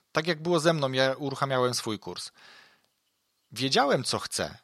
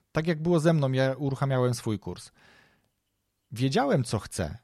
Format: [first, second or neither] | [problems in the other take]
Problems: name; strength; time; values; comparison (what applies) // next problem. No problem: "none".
second | thin; somewhat; fading below 500 Hz